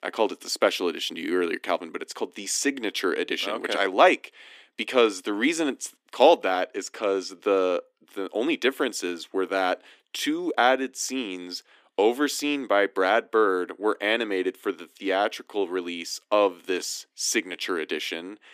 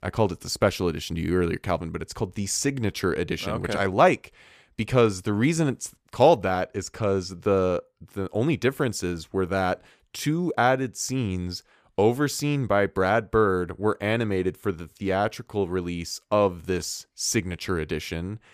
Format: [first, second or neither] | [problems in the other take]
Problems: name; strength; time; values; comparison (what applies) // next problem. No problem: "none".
second | thin; very slightly; fading below 250 Hz